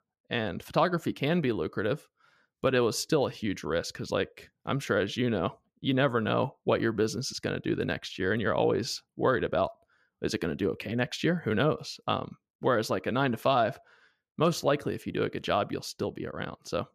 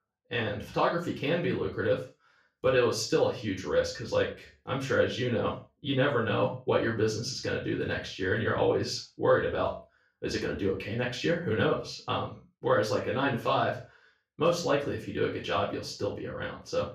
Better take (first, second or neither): first